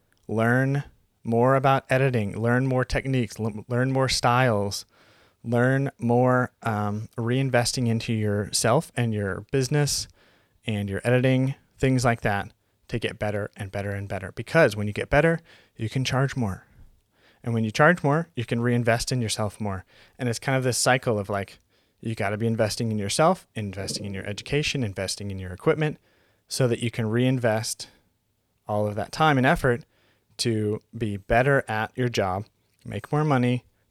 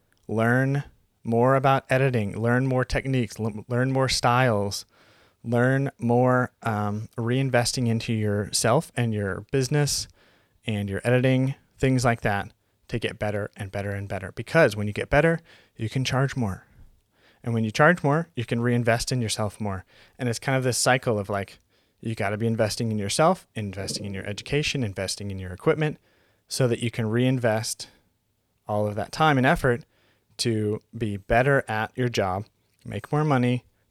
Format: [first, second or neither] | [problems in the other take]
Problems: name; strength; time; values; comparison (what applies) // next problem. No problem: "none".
neither | none